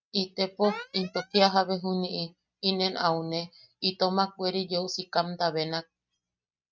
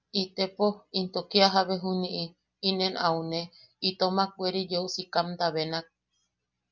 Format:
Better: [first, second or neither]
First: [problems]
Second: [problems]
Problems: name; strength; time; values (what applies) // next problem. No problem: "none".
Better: second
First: noise reduction (neural mask model RNNoise)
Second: none